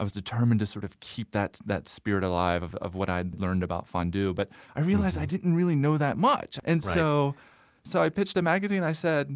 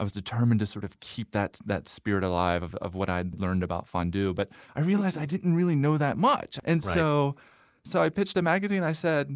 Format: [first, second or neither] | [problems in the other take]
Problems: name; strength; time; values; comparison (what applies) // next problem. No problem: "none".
first | noise reduction (neural mask model Resemble Enhance denoiser)